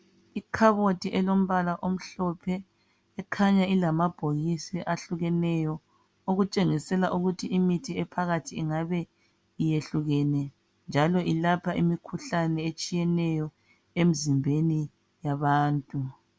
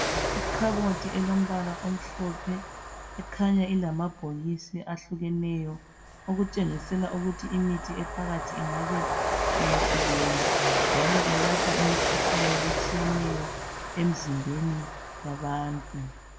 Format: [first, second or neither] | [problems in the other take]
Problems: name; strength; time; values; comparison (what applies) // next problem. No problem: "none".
first | background sound (Train); as loud as the speech // room echo; dies away in 0.6 s